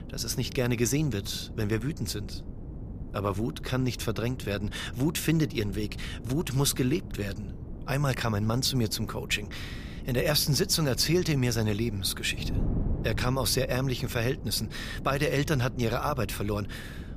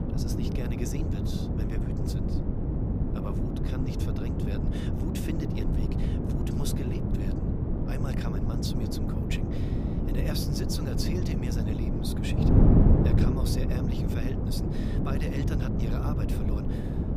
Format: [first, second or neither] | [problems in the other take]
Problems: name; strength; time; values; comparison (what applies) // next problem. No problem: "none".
first | wind noise on the microphone; heavy; 4 dB above the speech; occasional gusts in the first